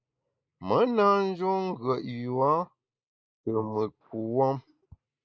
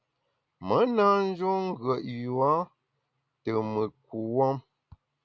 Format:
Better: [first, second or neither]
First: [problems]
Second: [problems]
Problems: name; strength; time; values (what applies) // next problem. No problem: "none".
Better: second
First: noise reduction (neural mask model Resemble Enhance denoiser)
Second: none